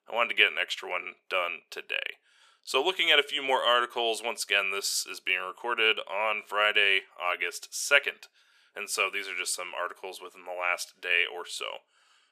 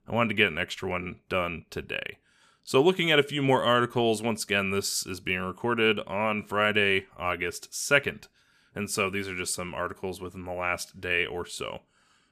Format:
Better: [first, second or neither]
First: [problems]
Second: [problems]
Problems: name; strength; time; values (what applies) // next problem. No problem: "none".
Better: second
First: thin; very; fading below 500 Hz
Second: none